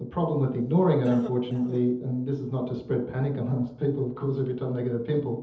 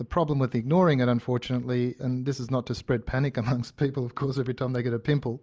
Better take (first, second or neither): second